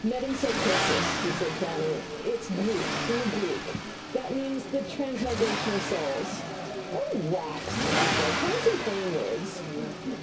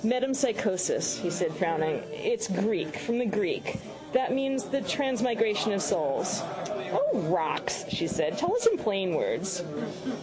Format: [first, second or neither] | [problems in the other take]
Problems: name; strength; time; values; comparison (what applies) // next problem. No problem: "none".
second | background sound (Accelerating, revving, vroom); 2 dB below the speech // room echo; dies away in 0.2 s